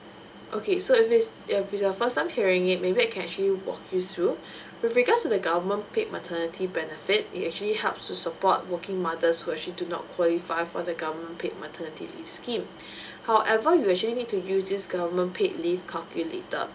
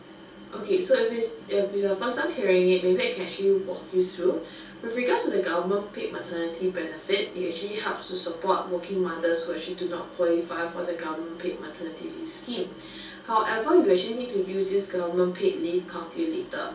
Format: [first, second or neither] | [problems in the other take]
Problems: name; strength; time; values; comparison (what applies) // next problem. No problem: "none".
first | room echo; dies away in 0.3 s